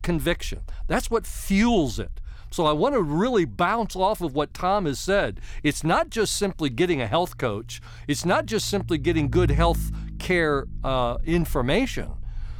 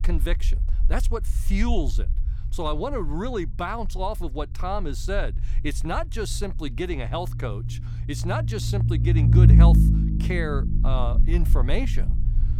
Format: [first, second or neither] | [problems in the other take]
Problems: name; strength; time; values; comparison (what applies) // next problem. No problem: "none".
first | low rumble; loud; throughout; 4 dB below the speech; faint in the first